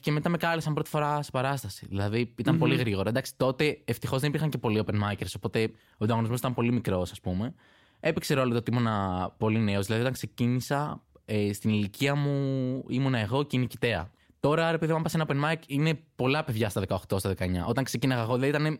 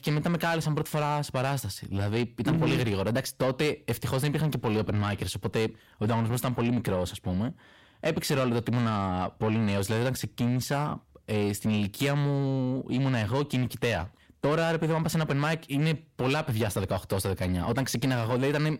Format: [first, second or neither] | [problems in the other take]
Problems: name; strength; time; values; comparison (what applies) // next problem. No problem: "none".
first | distortion; slight; 10 dB below the speech